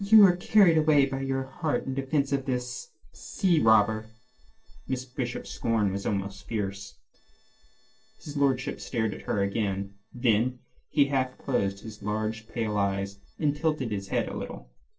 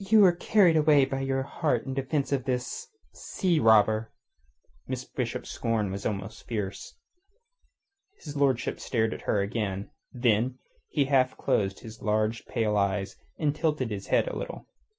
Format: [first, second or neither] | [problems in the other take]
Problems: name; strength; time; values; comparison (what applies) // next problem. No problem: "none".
second | noise reduction (neural separator model SepFormer DNS4)